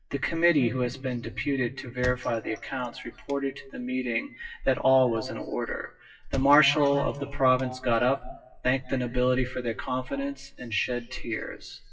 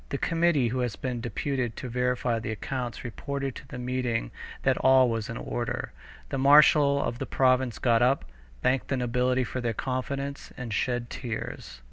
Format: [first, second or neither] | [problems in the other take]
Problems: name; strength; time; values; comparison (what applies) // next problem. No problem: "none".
second | noise reduction (classical method WPE with log-MMSE)